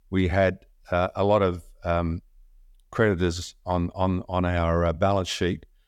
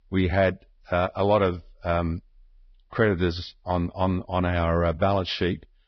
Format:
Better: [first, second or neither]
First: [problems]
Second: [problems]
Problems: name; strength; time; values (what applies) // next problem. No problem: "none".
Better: first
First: none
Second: garbled, watery; badly; nothing above 5.5 kHz